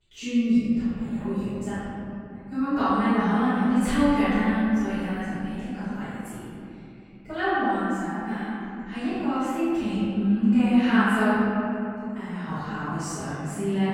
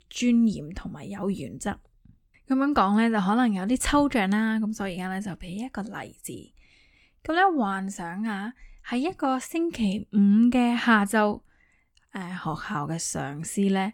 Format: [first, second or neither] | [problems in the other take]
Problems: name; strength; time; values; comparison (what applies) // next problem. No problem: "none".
second | room echo; strong; dies away in 3 s // off-mic speech; far